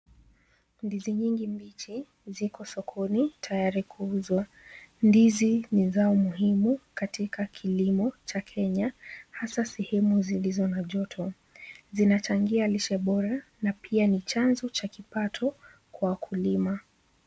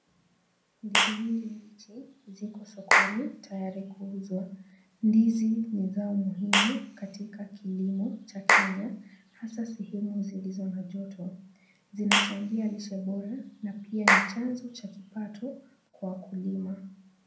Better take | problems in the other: first | background sound (Clapping / Chirp, tweet); as loud as the speech // room echo; dies away in 0.5 s

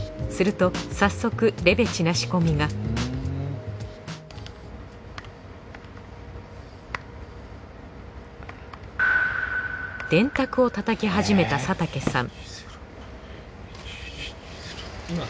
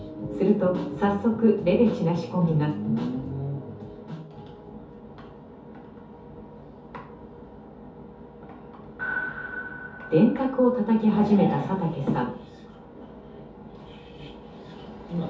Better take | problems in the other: first | room echo; dies away in 0.5 s

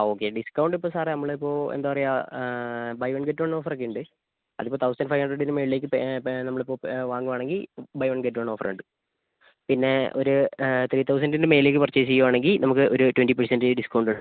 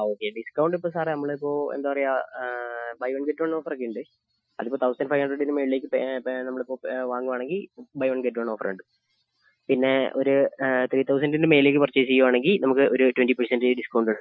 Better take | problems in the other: first | noise reduction (classical method Wiener filter)

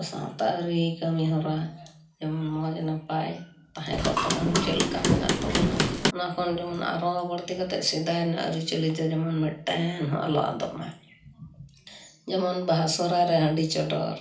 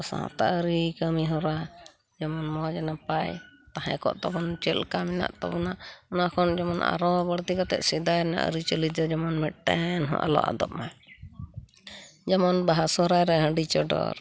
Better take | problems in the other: second | background sound (Hammer / Wood); 3 dB above the speech // room echo; dies away in 0.4 s

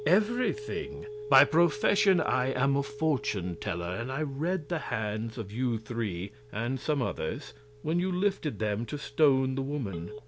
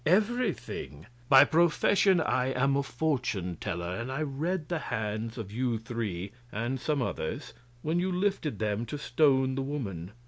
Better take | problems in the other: second | background sound (Telephone); 15 dB below the speech

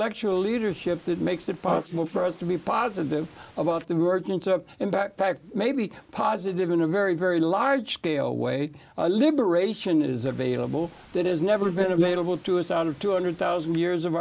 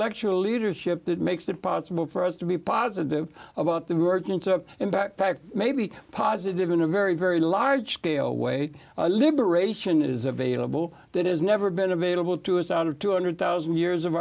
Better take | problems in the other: second | noise reduction (neural mask model Resemble Enhance denoiser)

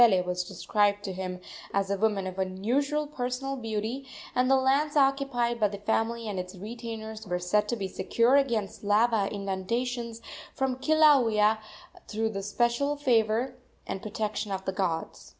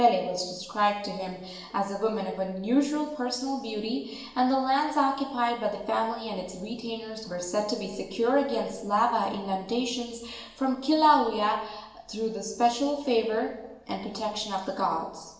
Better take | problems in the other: first | room echo; dies away in 0.9 s

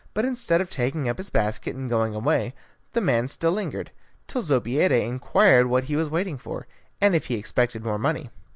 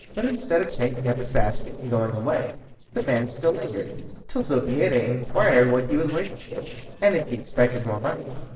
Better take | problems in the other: first | noise reduction (neural separator model SepFormer DNS4)

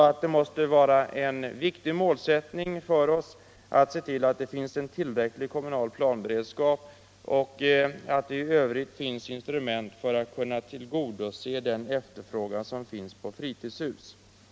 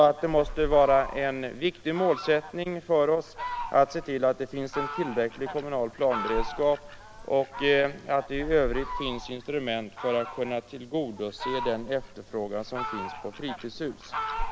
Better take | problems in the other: first | background sound (Fowl); 9 dB below the speech

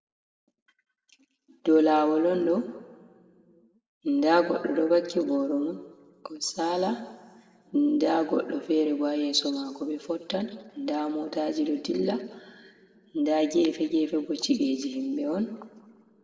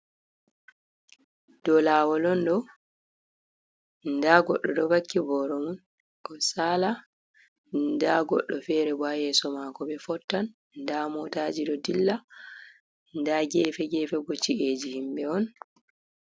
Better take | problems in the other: second | room echo; dies away in 1.3 s

